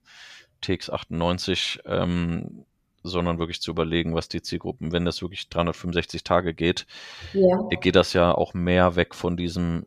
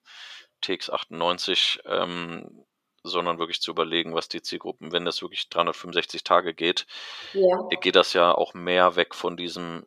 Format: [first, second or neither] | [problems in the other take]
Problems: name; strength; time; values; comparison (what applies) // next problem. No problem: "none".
first | thin; somewhat; fading below 400 Hz